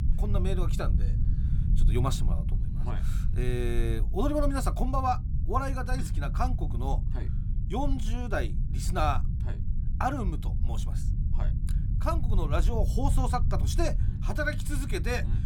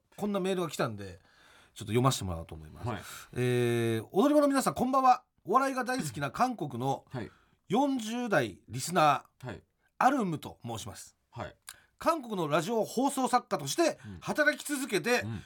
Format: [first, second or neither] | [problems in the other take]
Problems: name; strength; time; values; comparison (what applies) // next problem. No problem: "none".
second | low rumble; noticeable; throughout; 15 dB below the speech